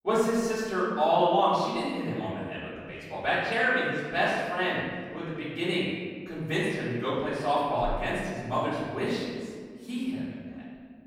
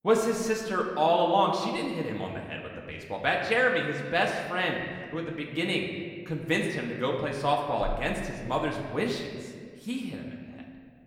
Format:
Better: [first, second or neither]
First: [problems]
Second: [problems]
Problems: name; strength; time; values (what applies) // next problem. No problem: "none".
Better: second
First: room echo; strong; dies away in 1.7 s // off-mic speech; far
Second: room echo; slight; dies away in 1.6 s // off-mic speech; somewhat distant